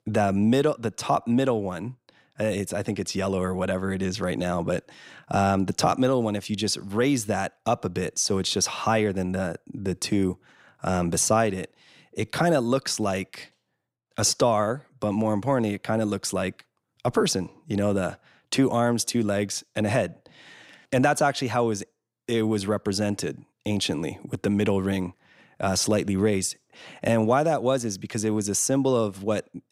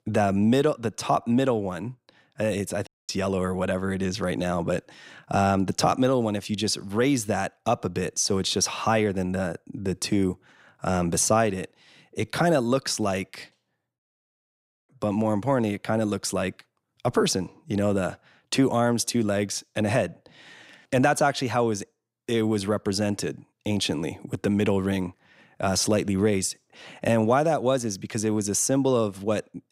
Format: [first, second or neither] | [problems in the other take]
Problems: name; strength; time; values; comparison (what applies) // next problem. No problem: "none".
first | audio cutting out; at 3 s and at 14 s for 1 s